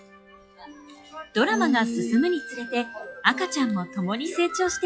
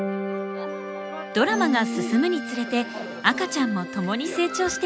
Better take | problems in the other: second | noise reduction (classical method log-MMSE)

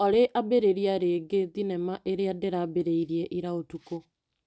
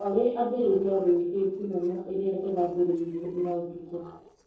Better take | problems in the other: first | noise reduction (neural separator model SepFormer DNS4)

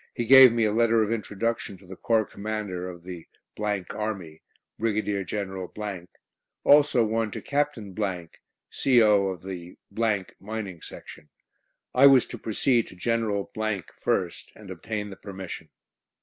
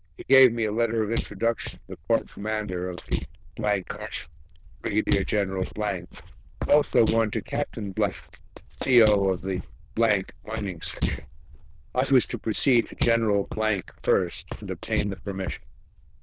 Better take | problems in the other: first | noise reduction (neural diffusion model UNIVERSE++)

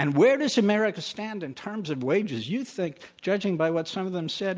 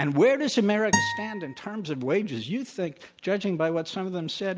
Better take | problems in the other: first | background sound (Acoustic guitar); 4 dB below the speech

